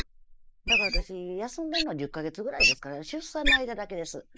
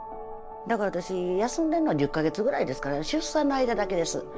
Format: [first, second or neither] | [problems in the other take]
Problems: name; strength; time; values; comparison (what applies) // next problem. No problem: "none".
second | noise reduction (neural mask model Resemble Enhance denoiser)